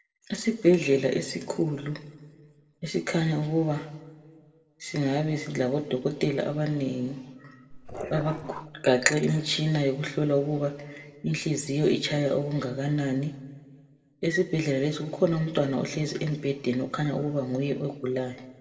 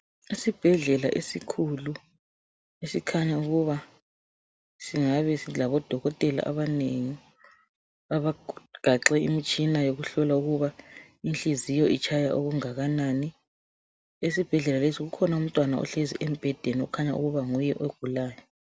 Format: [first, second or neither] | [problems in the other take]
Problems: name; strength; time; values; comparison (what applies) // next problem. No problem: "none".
second | background sound (Dog); 12 dB below the speech // room echo; dies away in 1.1 s